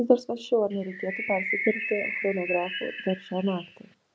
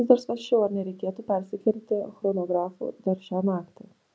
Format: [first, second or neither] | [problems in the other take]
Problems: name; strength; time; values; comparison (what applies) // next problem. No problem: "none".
second | background sound (Bird); 6 dB below the speech